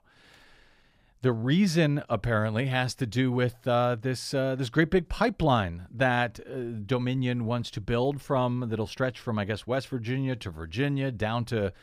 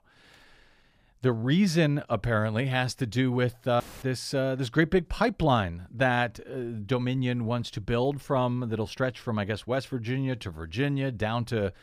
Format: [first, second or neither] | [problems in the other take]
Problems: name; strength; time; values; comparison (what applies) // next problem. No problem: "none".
first | audio cutting out; filled with static; at 4 s